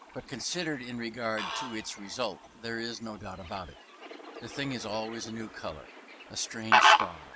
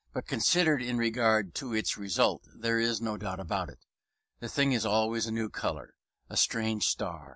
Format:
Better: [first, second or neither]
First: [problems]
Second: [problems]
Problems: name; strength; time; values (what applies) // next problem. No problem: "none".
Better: second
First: background sound (Fowl); 5 dB above the speech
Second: none